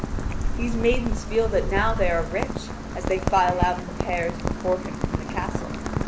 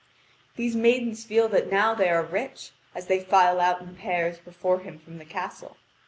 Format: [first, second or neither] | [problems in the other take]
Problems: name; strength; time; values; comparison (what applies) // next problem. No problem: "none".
second | background sound (Rain); as loud as the speech